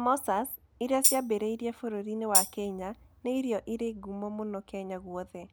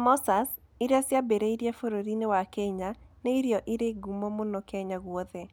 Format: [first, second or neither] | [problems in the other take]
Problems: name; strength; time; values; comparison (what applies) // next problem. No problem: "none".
second | background sound (Tambourine); 1 dB above the speech